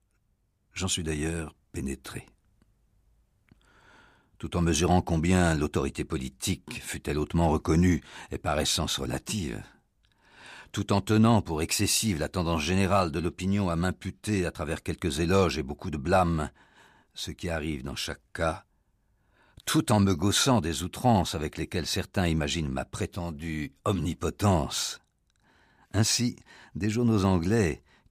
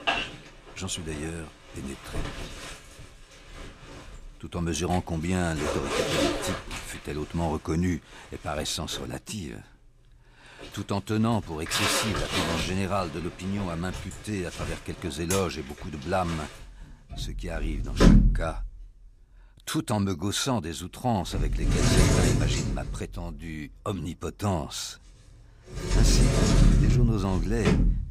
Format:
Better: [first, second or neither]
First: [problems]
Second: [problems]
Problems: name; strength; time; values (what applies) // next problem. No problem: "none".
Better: first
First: none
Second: household noises; very loud; throughout; 4 dB above the speech